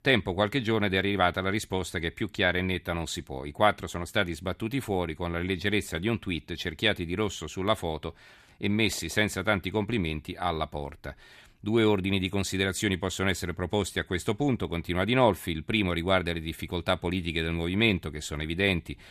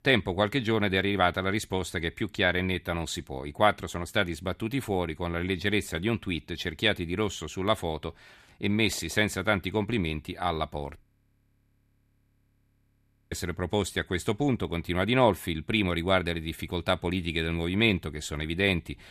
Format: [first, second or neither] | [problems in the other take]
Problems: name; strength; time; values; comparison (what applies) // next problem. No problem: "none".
first | audio freezing; at 11 s for 2.5 s